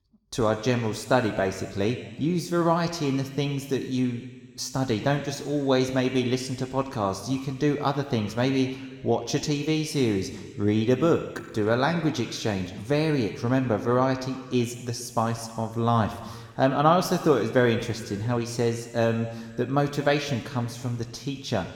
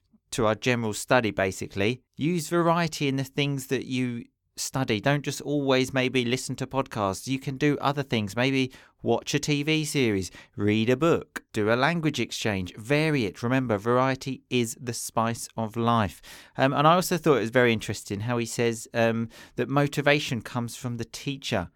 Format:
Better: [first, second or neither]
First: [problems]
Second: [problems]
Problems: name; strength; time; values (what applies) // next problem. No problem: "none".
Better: second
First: room echo; slight; dies away in 1.6 s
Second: none